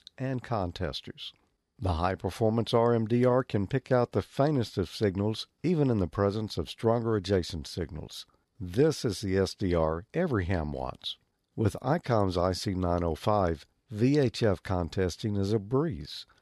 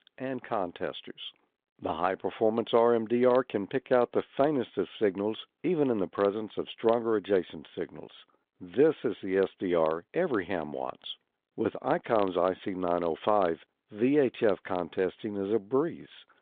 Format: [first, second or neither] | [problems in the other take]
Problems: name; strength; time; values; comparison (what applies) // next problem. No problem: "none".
first | phone-call audio; nothing above 3.5 kHz